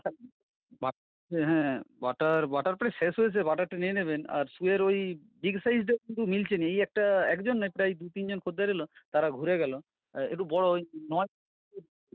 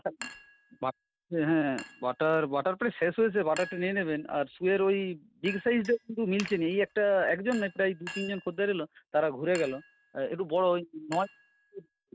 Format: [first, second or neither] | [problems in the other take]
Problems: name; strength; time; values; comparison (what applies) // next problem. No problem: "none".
first | background sound (Chink, clink); 19 dB below the speech